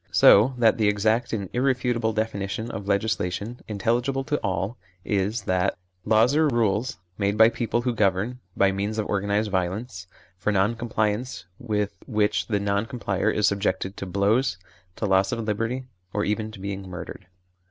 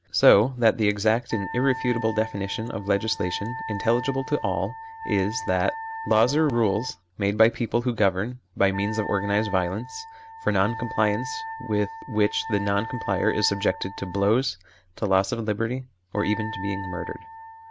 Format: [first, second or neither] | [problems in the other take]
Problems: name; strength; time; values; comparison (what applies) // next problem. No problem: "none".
first | background sound (Wind instrument, woodwind instrument); 12 dB below the speech